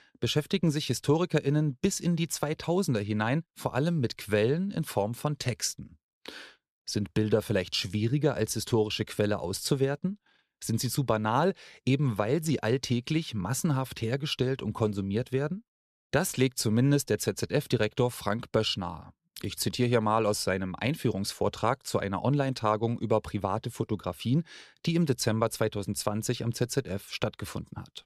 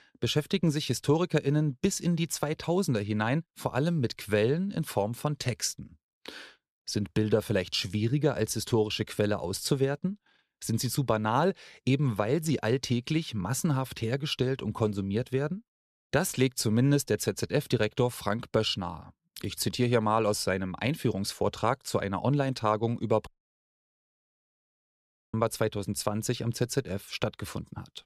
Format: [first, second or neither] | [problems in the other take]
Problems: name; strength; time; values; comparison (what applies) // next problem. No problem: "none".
first | audio cutting out; at 23 s for 2 s